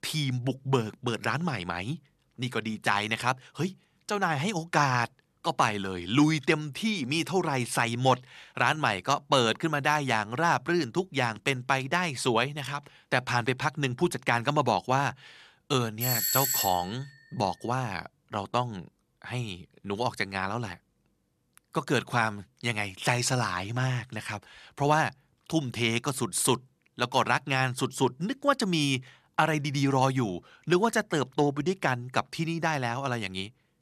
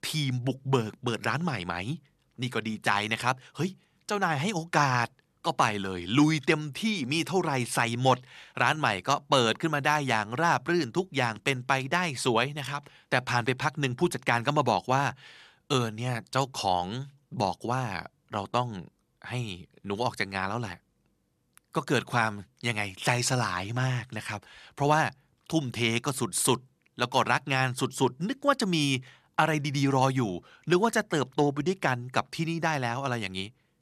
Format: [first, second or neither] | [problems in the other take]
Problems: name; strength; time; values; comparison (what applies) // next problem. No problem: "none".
second | doorbell; loud; at 16 s; peak 4 dB above the speech